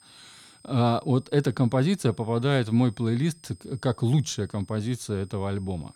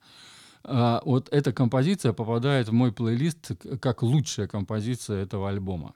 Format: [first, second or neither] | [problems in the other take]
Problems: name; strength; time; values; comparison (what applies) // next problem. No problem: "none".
second | high-pitched whine; faint; throughout; 8.5 kHz, 30 dB below the speech